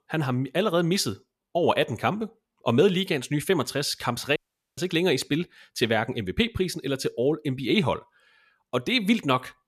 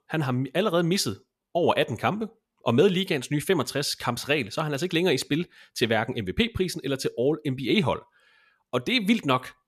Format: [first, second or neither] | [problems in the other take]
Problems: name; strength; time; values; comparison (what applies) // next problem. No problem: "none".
second | audio cutting out; at 4.5 s